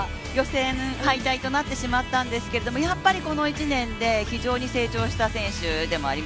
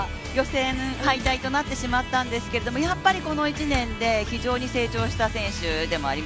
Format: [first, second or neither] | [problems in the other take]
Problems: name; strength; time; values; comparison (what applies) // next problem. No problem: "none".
first | background sound (Slam); 13 dB below the speech